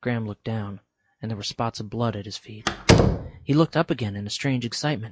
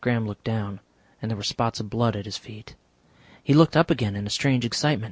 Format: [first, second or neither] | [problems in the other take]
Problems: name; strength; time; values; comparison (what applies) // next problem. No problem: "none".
second | noise reduction (classical method log-MMSE)